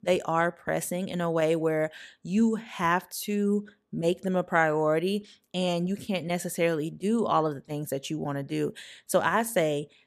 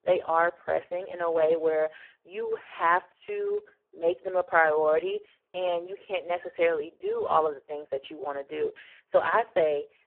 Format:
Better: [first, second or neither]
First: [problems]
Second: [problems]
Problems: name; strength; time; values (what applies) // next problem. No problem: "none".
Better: first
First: none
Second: phone-call audio; poor line